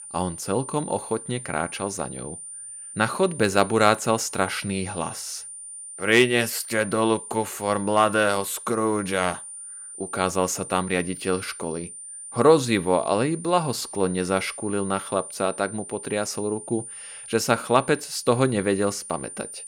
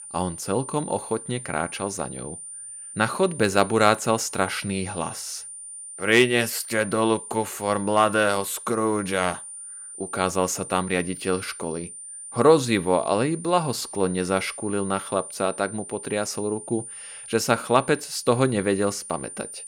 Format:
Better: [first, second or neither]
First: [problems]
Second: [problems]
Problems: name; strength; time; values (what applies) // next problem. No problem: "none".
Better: neither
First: high-pitched whine; noticeable; throughout; 9 kHz, 10 dB below the speech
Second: high-pitched whine; noticeable; throughout; 9 kHz, 10 dB below the speech